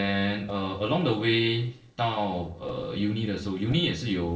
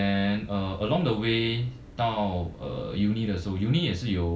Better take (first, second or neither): second